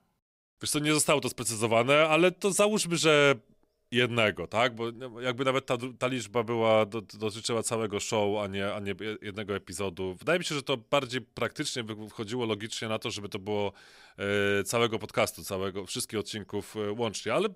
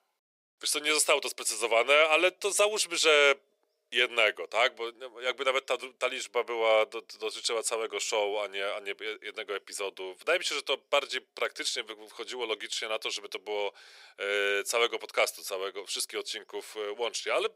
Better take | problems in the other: first | thin; very; fading below 450 Hz

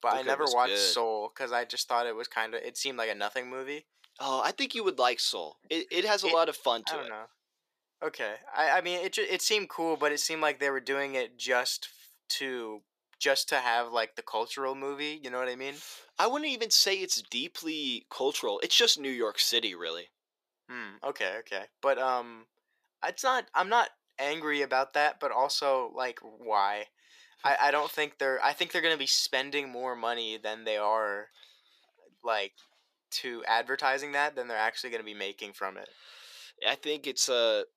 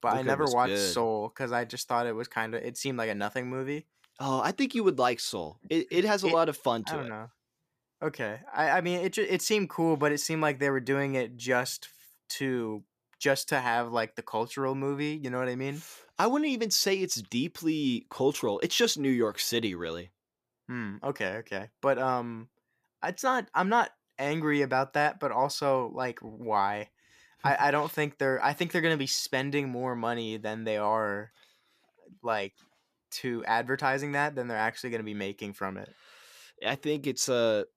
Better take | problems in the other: second | thin; somewhat; fading below 500 Hz

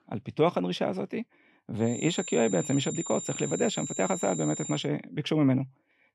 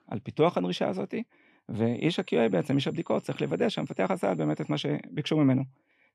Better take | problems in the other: second | high-pitched whine; loud; from 2 to 5 s; 7.5 kHz, 7 dB below the speech; faint in the second

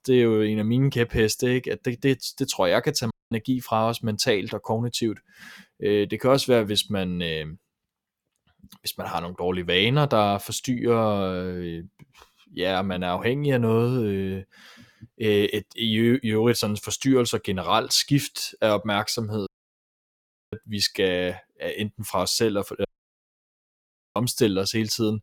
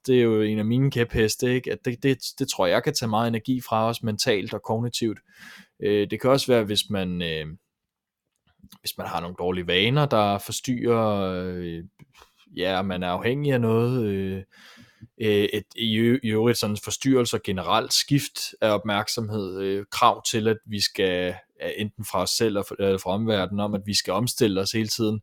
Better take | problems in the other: second | audio cutting out; at 3 s, at 19 s for 1 s and at 23 s for 1.5 s

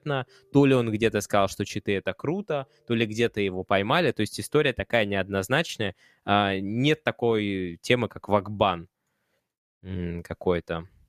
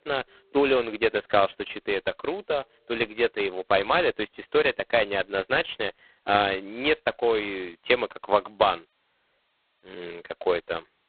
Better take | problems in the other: first | phone-call audio; poor line; nothing above 4 kHz

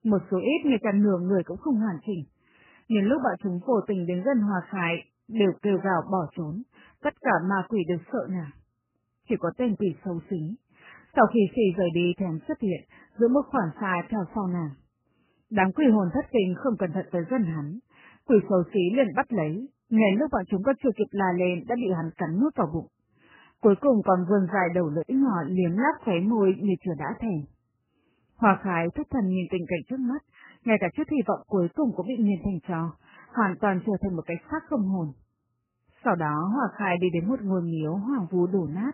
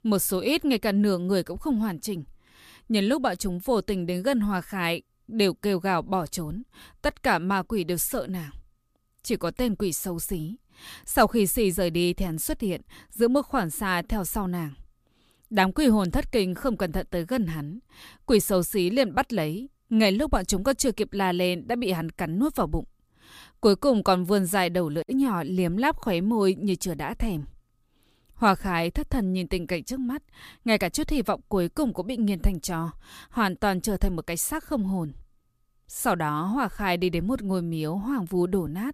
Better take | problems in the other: second | garbled, watery; badly; nothing above 3 kHz

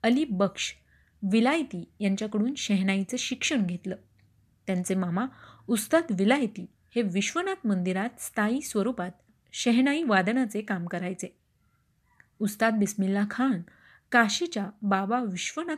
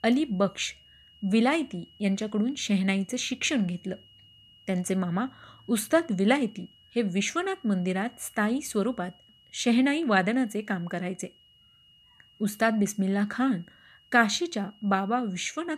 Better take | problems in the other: first | high-pitched whine; faint; throughout; 3 kHz, 30 dB below the speech

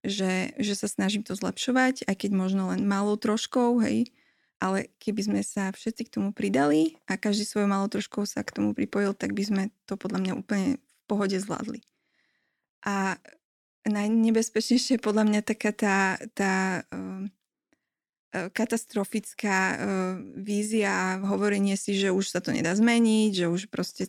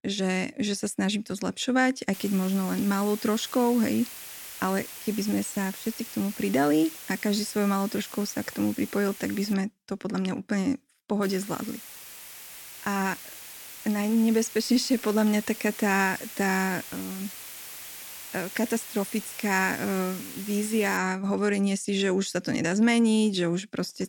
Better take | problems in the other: first | hiss; noticeable; from 2 to 9.5 s and from 11 to 21 s; 10 dB below the speech

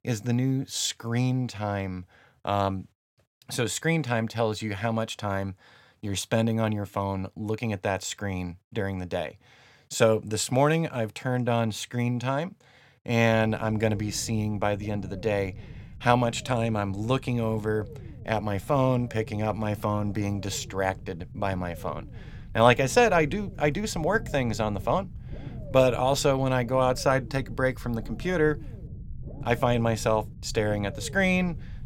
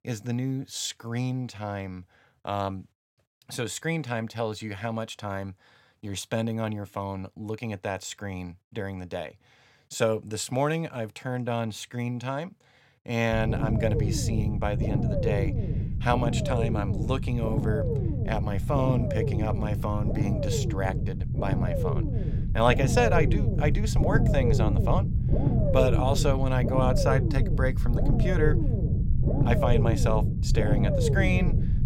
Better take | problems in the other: first | low rumble; loud; from 13 s on; 4 dB below the speech; faint in the first

